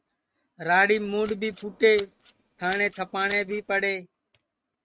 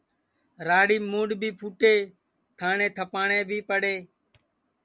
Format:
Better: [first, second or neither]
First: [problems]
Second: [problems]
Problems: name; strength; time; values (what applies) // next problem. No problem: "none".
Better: second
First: noise reduction (neural mask model RNNoise)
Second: none